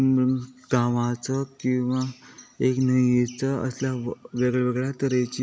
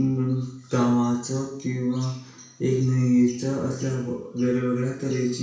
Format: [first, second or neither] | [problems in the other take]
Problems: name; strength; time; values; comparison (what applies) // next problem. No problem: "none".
first | room echo; dies away in 0.7 s